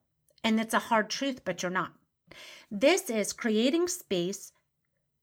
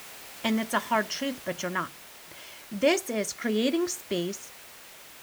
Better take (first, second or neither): first